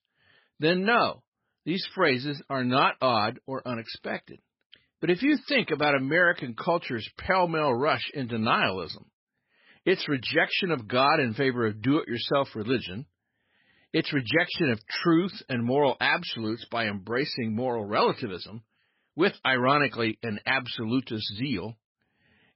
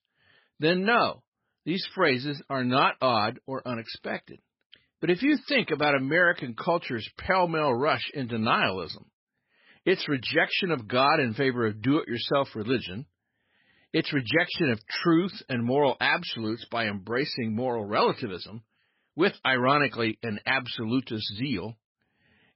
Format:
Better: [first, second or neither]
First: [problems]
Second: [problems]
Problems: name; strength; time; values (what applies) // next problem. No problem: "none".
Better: neither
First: garbled, watery; badly; nothing above 5.5 kHz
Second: garbled, watery; badly; nothing above 5.5 kHz